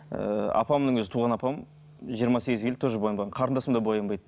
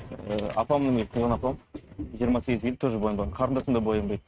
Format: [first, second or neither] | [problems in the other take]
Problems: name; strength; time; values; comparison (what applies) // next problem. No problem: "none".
first | noise reduction (neural mask model RNNoise)